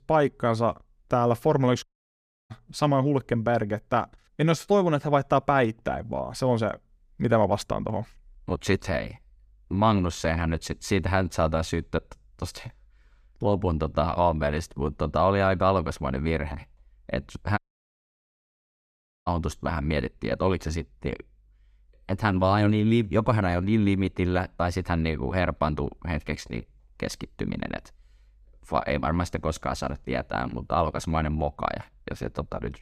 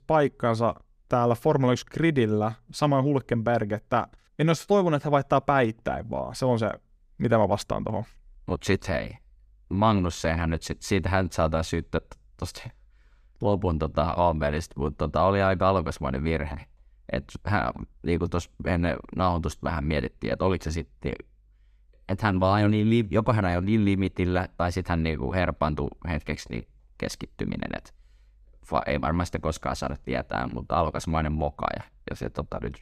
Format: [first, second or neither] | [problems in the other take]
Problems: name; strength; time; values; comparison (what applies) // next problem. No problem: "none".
second | audio cutting out; at 2 s for 0.5 s and at 18 s for 1.5 s